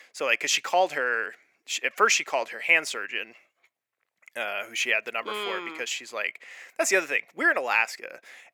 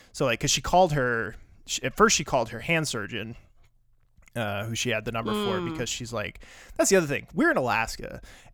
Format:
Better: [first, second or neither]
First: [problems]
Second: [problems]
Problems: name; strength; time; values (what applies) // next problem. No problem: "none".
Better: second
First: thin; very; fading below 400 Hz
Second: none